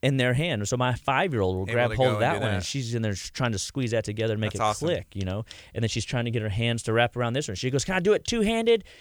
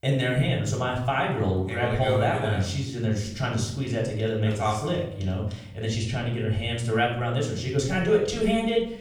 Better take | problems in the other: first | off-mic speech; far // room echo; noticeable; dies away in 0.8 s

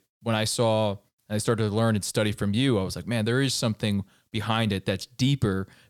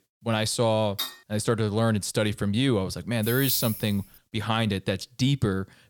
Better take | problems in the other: first | clattering dishes; noticeable; at 1 s; peak 6 dB below the speech // jangling keys; noticeable; at 3 s; peak level with the speech

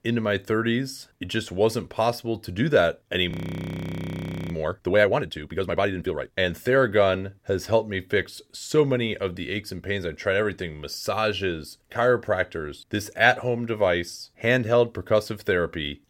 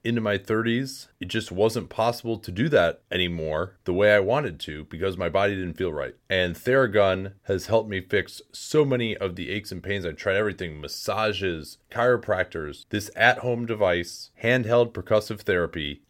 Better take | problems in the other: second | audio freezing; at 3.5 s for 1 s

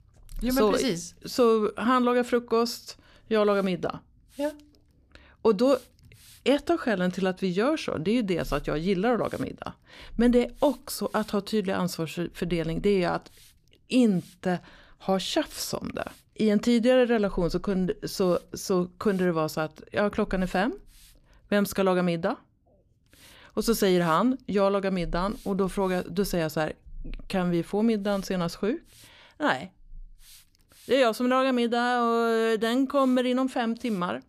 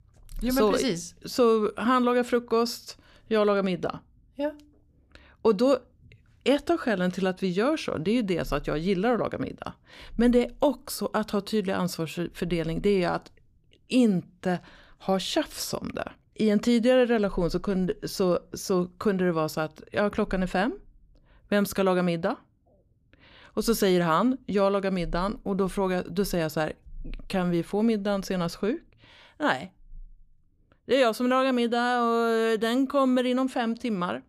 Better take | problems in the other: second | hiss; faint; throughout; 30 dB below the speech

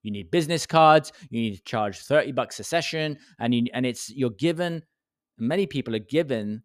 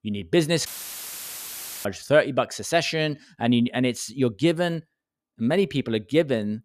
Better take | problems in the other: first | audio cutting out; filled with static; at 0.5 s for 1 s

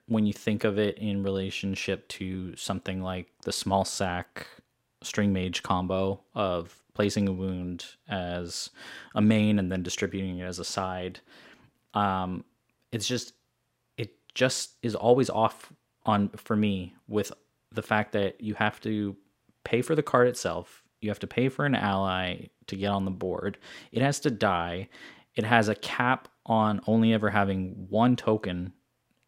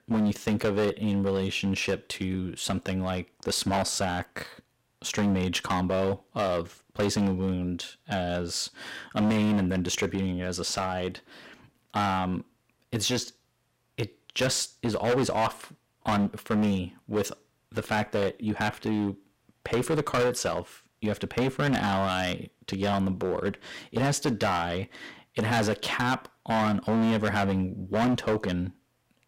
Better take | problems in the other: first | distortion; heavy; 10% of the sound clipped

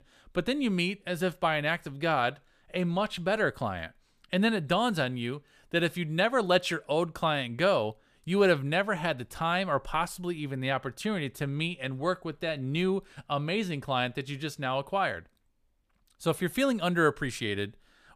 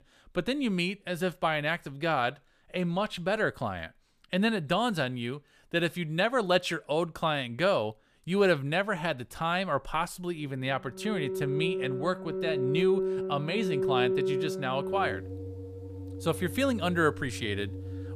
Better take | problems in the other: first | background music; loud; from 11 s on; 3 dB below the speech

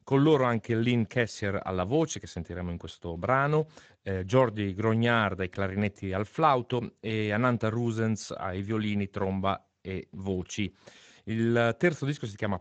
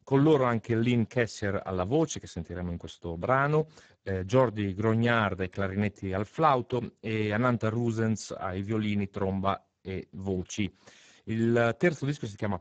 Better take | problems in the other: first | garbled, watery; badly; nothing above 7.5 kHz; slightly in the first

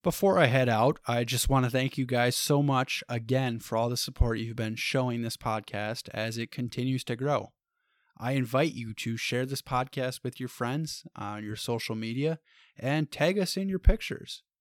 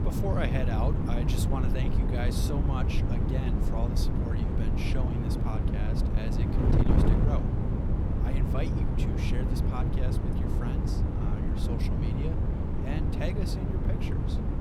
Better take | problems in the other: first | wind noise on the microphone; heavy; 2 dB above the speech

